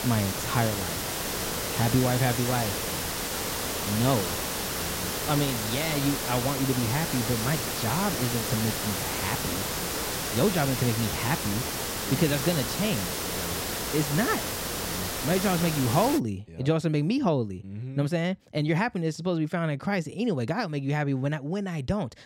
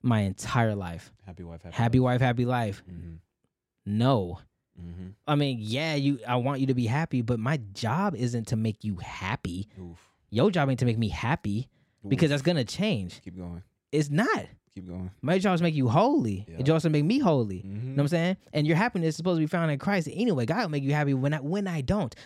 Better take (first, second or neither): second